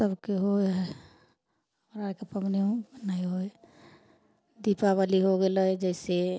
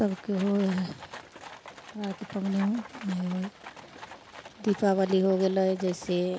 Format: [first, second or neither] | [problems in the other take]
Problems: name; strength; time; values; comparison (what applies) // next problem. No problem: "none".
first | background sound (Livestock, farm animals, working animals); 16 dB below the speech